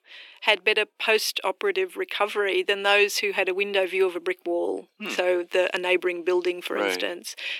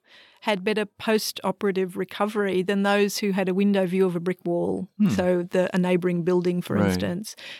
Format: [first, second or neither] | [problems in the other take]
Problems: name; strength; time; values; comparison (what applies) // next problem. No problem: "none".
second | thin; very; fading below 300 Hz